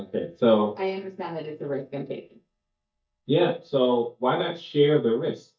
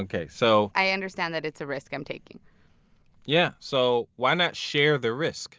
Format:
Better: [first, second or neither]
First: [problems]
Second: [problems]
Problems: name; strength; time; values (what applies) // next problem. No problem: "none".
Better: second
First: noise reduction (neural mask model DeepFilterNet 3)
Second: none